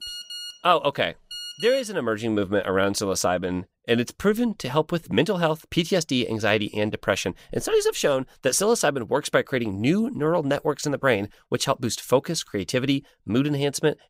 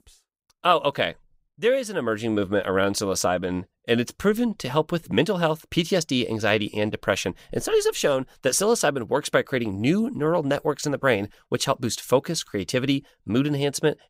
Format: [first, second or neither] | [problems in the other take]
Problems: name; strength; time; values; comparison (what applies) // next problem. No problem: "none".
second | phone ringing; noticeable; until 2 s; peak 9 dB below the speech